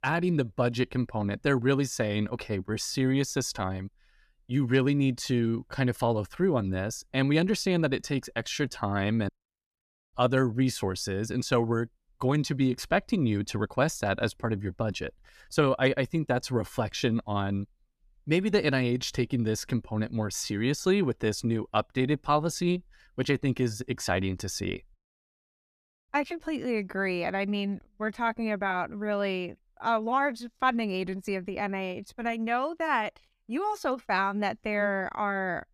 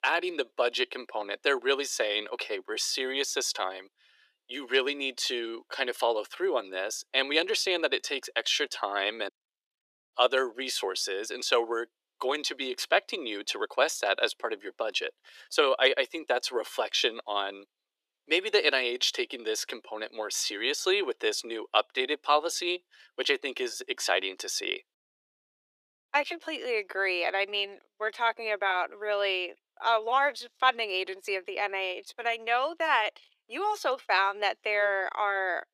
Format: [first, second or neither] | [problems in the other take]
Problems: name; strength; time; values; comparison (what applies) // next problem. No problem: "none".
first | thin; very; fading below 350 Hz